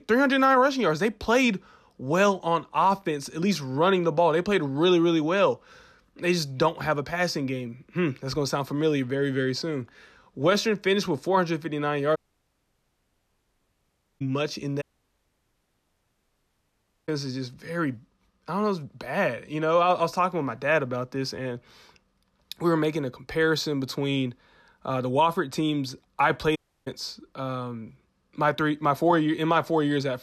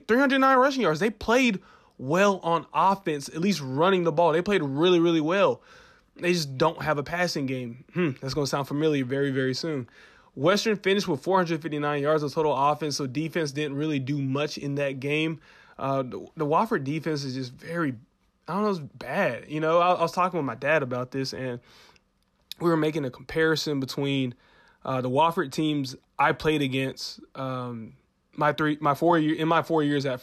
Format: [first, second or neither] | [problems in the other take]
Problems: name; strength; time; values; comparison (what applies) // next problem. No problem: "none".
second | audio cutting out; at 12 s for 2 s, at 15 s for 2.5 s and at 27 s